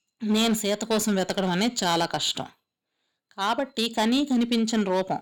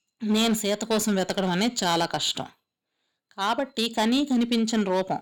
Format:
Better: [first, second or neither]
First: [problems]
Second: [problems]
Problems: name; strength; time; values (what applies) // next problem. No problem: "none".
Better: neither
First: distortion; slight; 7% of the sound clipped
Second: distortion; slight; 7% of the sound clipped